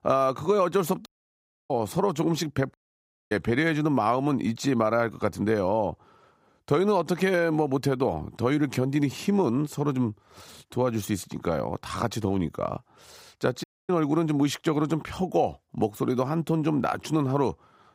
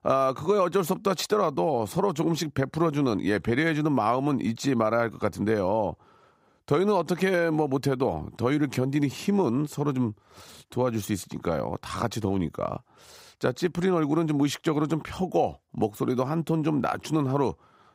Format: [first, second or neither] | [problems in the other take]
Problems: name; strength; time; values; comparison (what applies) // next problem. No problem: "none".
second | audio cutting out; at 1 s for 0.5 s, at 2.5 s for 0.5 s and at 14 s